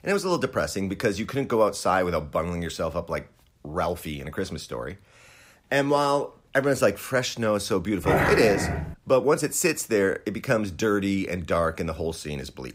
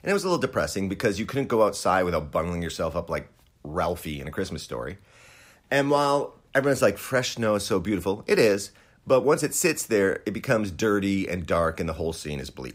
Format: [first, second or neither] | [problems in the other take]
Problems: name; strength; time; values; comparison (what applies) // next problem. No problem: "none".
second | dog barking; loud; at 8 s; peak 3 dB above the speech